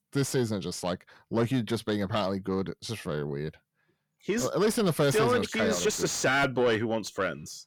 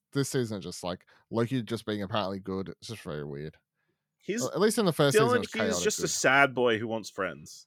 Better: second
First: distortion; heavy; 8 dB below the speech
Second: none

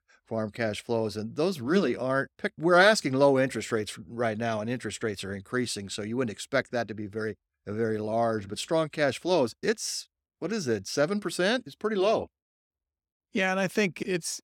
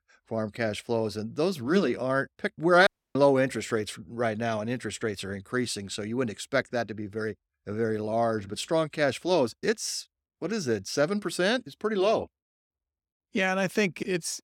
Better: first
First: none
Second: audio cutting out; at 3 s

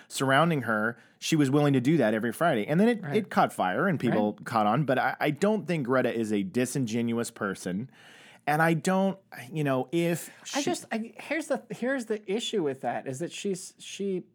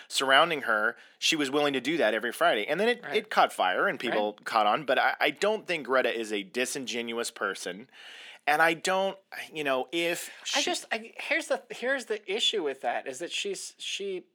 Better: first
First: none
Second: thin; somewhat; fading below 450 Hz

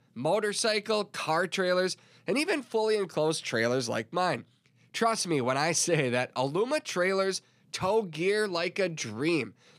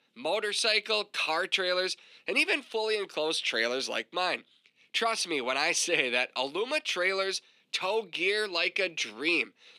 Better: first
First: none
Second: thin; somewhat; fading below 300 Hz

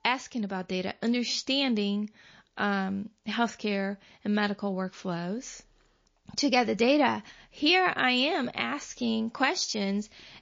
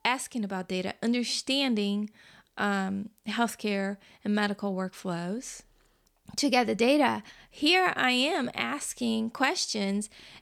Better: second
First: garbled, watery; slightly; nothing above 6.5 kHz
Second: none

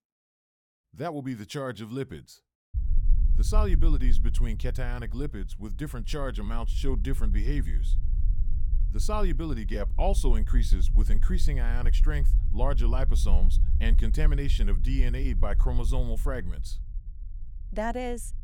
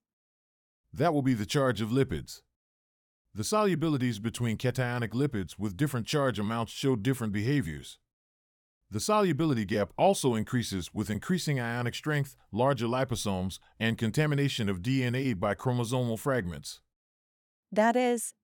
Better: second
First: low rumble; noticeable; from 2.5 s on; 15 dB below the speech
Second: none

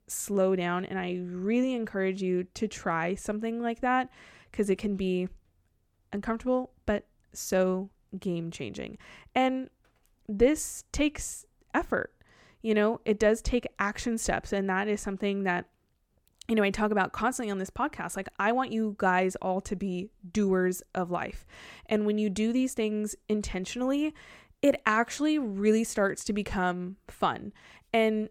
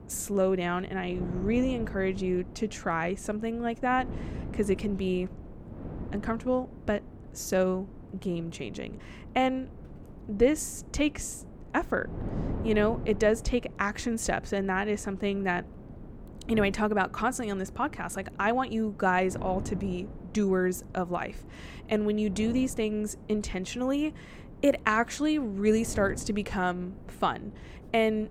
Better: first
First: none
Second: wind noise on the microphone; occasional gusts; 20 dB below the speech

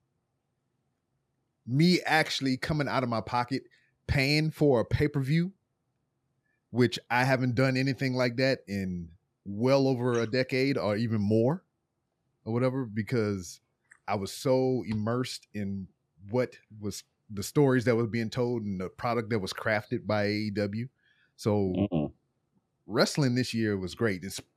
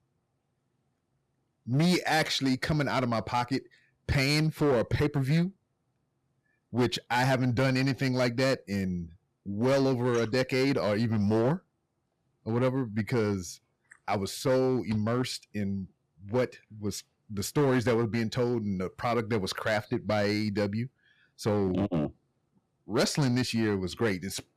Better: first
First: none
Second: distortion; slight; 7% of the sound clipped

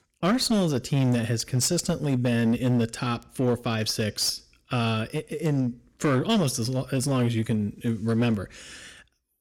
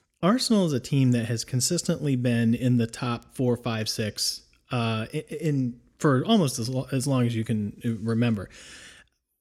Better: second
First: distortion; slight; 11% of the sound clipped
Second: none

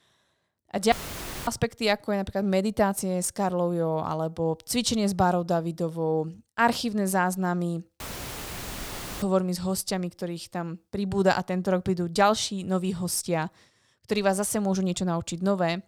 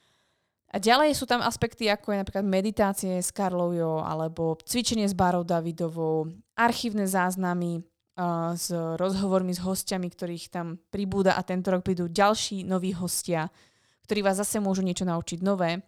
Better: second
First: audio cutting out; filled with static; at 1 s for 0.5 s and at 8 s for 1 s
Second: none

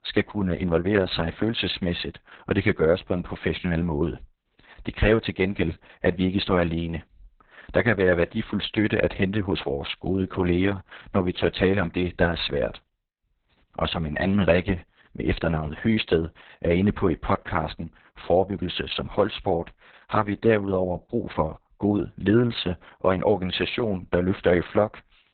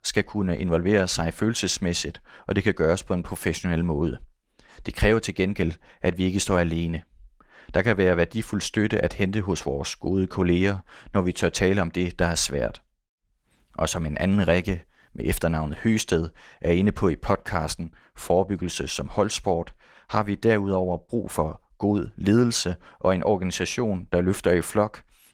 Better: second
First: garbled, watery; badly; nothing above 4 kHz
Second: garbled, watery; slightly; nothing above 19 kHz

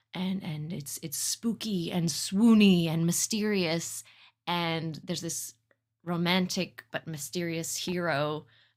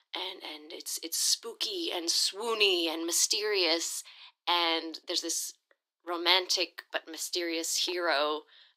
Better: first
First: none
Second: thin; very; fading below 300 Hz

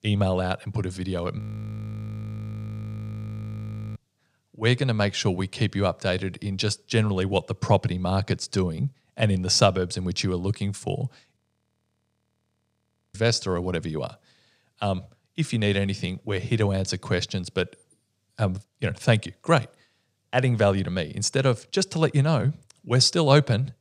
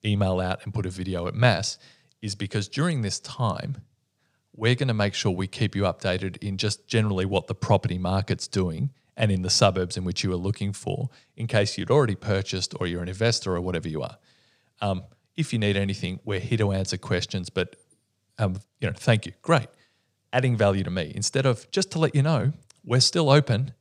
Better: second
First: audio freezing; at 1.5 s for 2.5 s and at 11 s for 2 s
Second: none

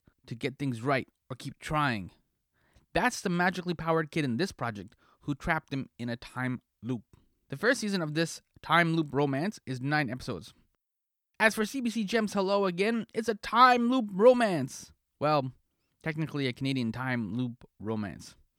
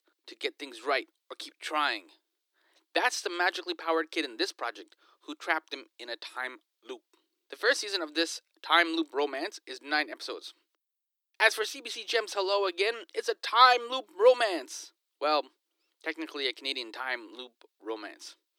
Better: first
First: none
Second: thin; very; fading below 300 Hz

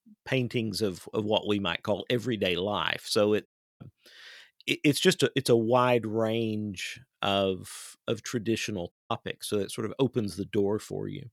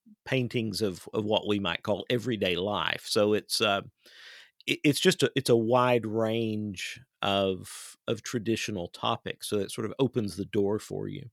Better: second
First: audio cutting out; at 3.5 s and at 9 s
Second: none

